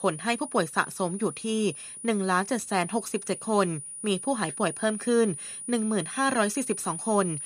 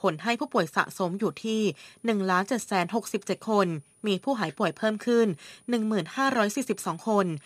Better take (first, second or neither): second